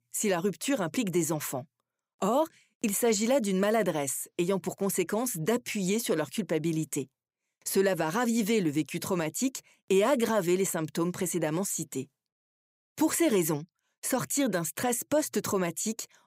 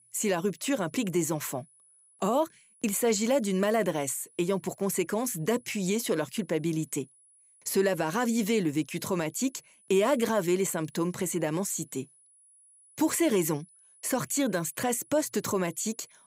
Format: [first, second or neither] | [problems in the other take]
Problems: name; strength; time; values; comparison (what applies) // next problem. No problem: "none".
first | high-pitched whine; faint; throughout; 10 kHz, 30 dB below the speech